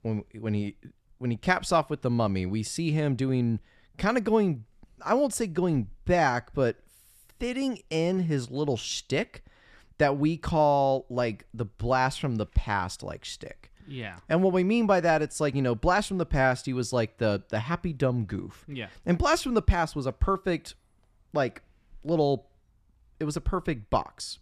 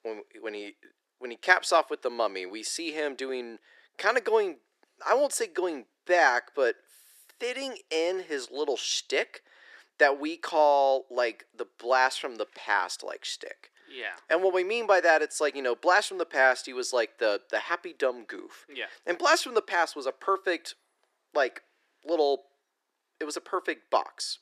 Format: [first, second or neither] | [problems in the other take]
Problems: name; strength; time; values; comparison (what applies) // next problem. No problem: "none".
first | thin; very; fading below 350 Hz